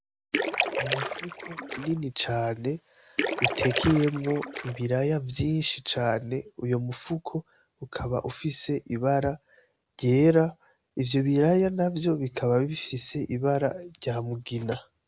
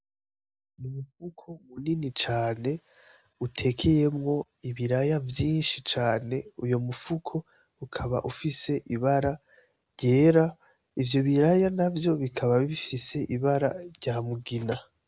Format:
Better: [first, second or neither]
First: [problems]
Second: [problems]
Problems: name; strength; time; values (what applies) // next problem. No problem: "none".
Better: second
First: background sound (Splash, splatter); 4 dB below the speech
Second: none